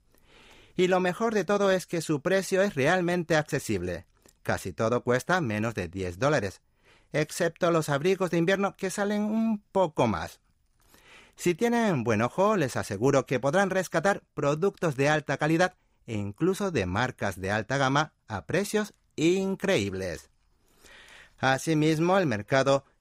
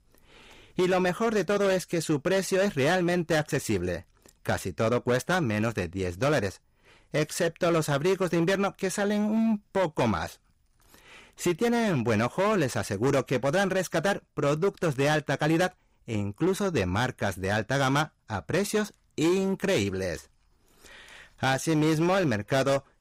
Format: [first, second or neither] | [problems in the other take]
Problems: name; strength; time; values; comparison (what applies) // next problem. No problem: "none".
first | distortion; slight; 9% of the sound clipped